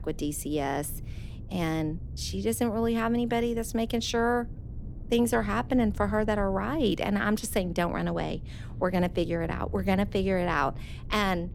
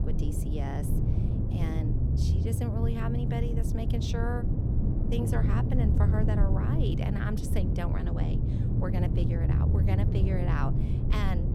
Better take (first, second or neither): first